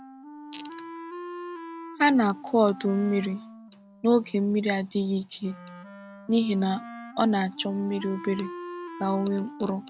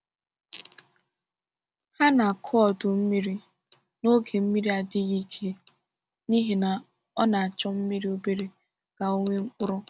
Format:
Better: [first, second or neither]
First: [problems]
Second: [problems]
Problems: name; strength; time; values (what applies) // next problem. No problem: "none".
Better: second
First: background sound (Wind instrument, woodwind instrument); 14 dB below the speech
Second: none